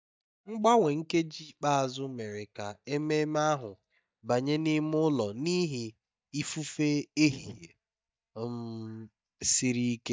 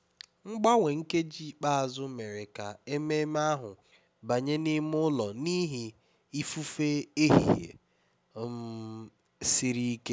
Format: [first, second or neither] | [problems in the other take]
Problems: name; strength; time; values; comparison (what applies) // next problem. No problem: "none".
second | noise reduction (neural mask model DeepFilterNet 3)